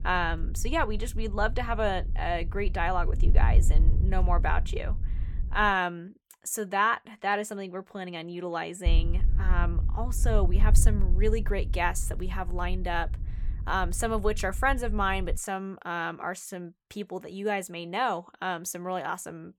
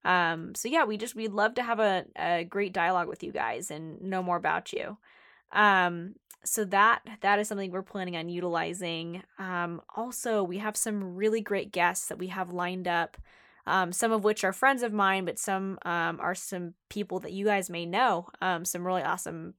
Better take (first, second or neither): second